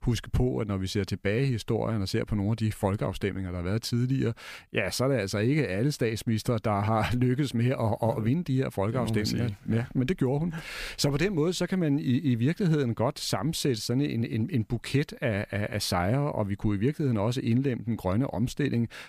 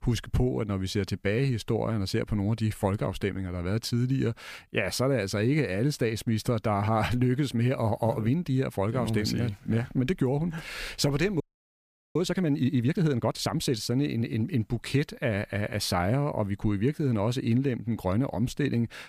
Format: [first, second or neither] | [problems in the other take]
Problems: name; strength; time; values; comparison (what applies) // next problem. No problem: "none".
first | audio freezing; at 11 s for 1 s